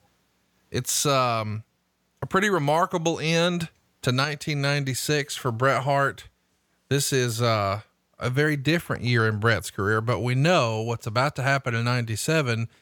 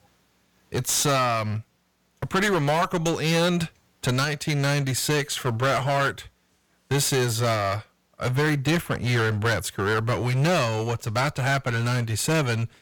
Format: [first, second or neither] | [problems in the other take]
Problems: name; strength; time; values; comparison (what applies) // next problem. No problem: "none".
first | distortion; heavy; 15% of the sound clipped